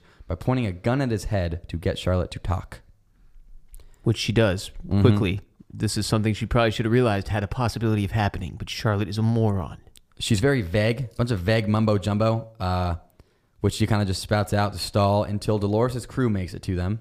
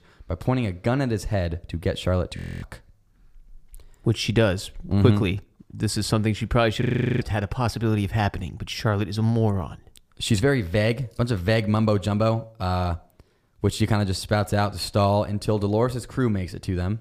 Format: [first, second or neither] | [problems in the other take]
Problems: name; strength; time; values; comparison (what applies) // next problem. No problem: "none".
first | audio freezing; at 2.5 s and at 7 s